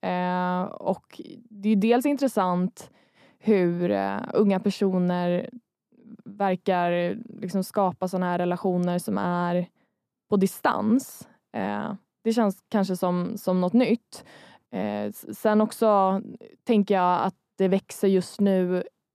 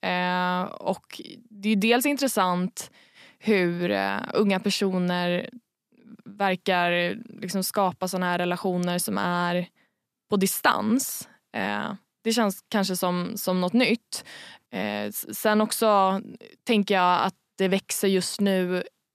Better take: second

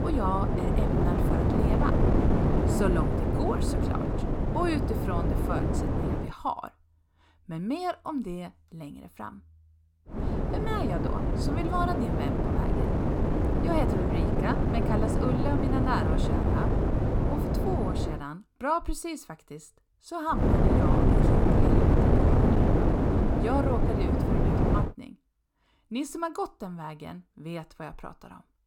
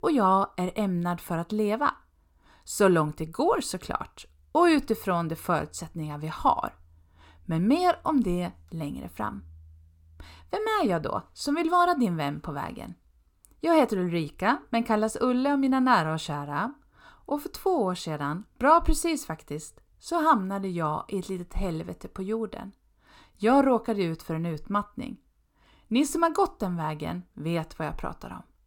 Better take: second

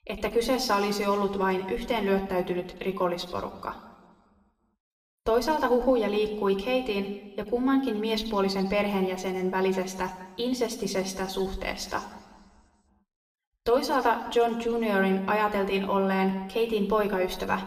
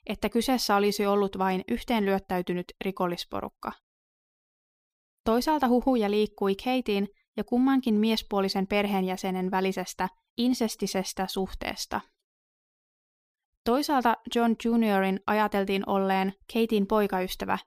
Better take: second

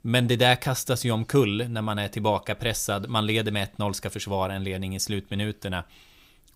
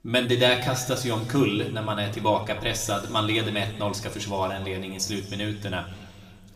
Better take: first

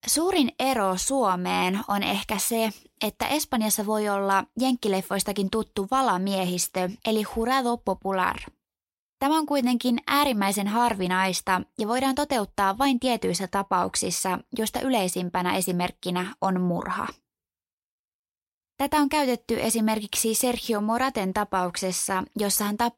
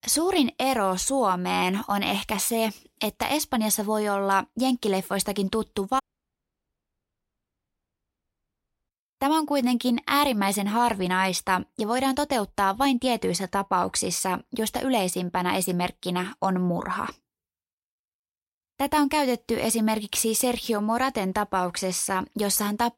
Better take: first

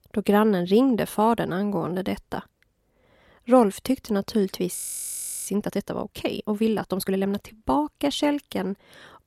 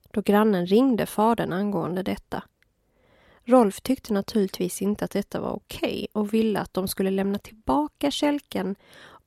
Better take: second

